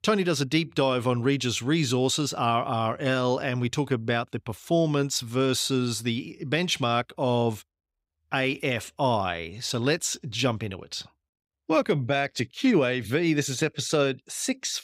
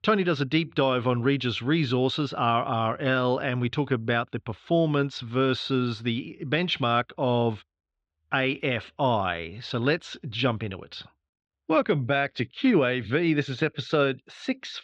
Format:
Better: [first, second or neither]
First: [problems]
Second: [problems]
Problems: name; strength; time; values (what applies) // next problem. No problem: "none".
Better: first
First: none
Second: muffled; slightly; fading above 3.5 kHz